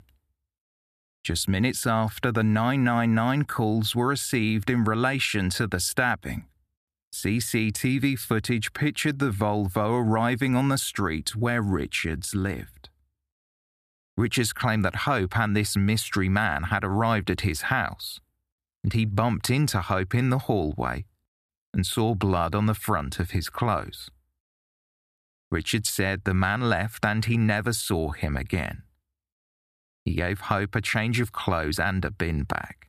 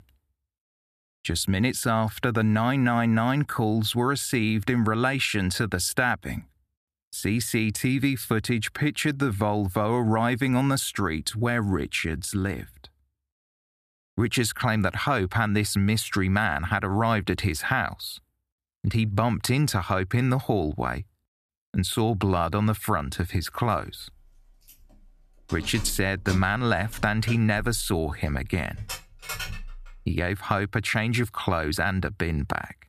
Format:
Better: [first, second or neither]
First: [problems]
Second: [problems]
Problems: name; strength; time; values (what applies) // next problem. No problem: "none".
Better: first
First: none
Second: jangling keys; noticeable; from 25 to 30 s; peak 8 dB below the speech